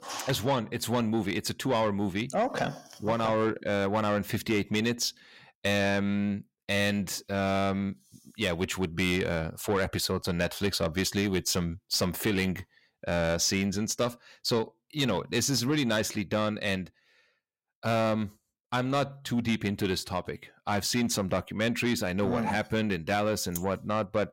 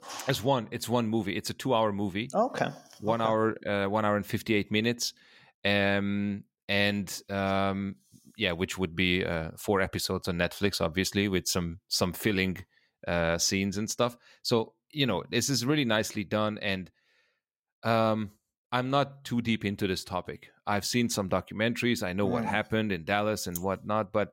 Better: second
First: distortion; slight; 10 dB below the speech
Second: none

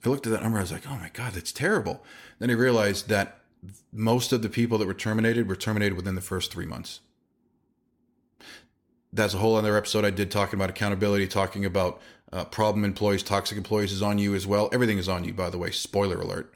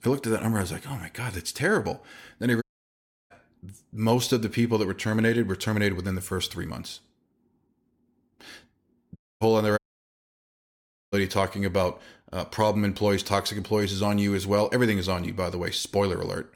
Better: first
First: none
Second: audio cutting out; at 2.5 s for 0.5 s, at 9 s and at 10 s for 1.5 s

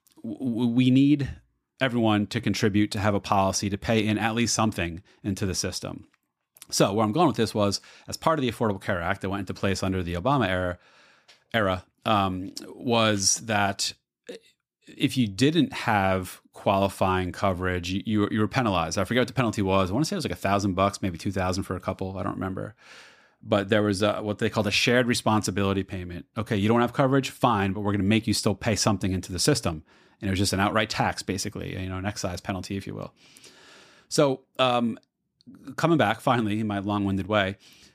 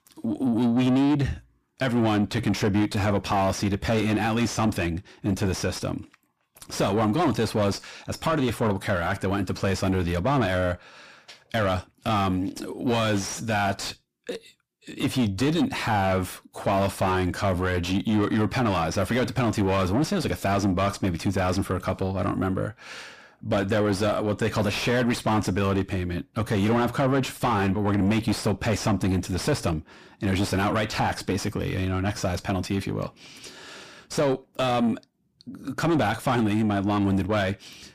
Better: first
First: none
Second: distortion; heavy; 6 dB below the speech

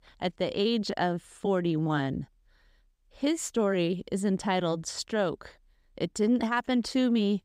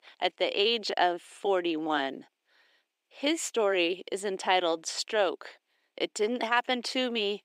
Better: first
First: none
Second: thin; somewhat; fading below 350 Hz

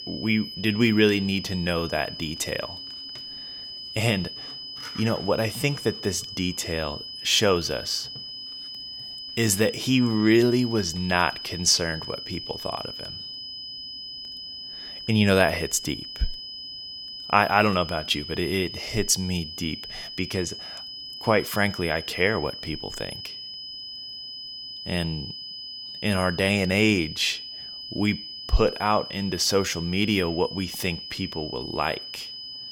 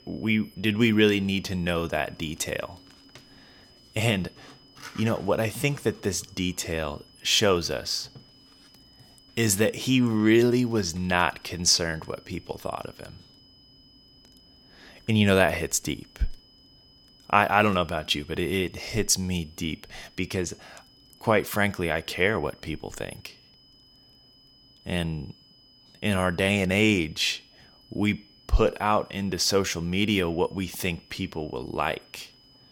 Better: second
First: high-pitched whine; loud; throughout; 5 kHz, 10 dB below the speech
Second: high-pitched whine; faint; throughout; 5 kHz, 30 dB below the speech

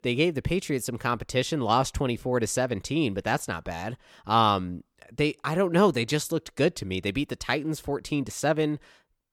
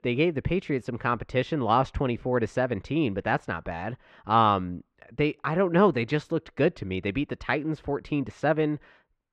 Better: first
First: none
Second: muffled; very; fading above 2 kHz

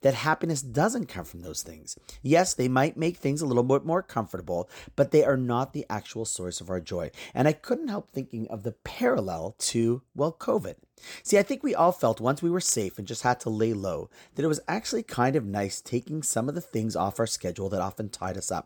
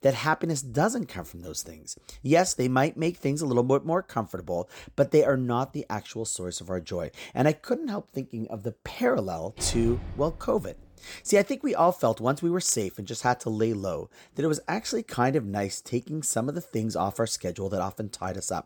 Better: first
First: none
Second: door banging; noticeable; from 9.5 to 11 s; peak 8 dB below the speech

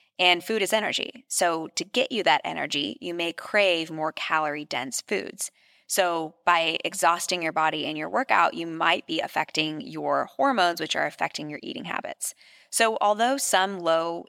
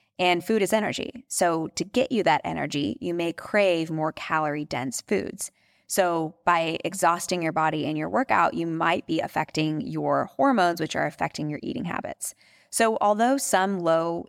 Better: second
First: thin; very slightly; fading below 500 Hz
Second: none

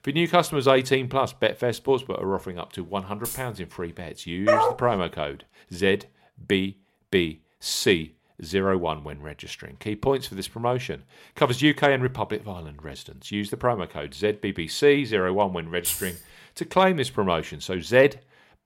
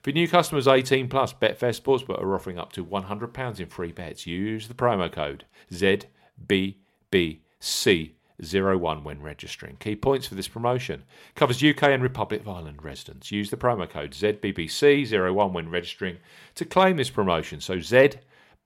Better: second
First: jangling keys; noticeable; at 3 s and at 16 s; peak 2 dB below the speech // dog barking; loud; at 4.5 s; peak 4 dB above the speech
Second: none

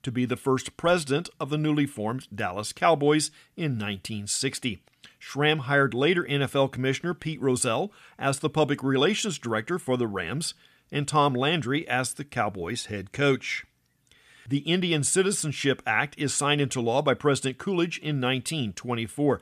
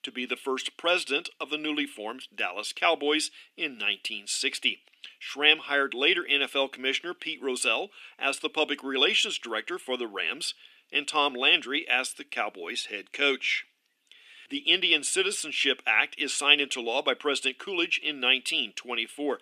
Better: first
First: none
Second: thin; somewhat; fading below 300 Hz

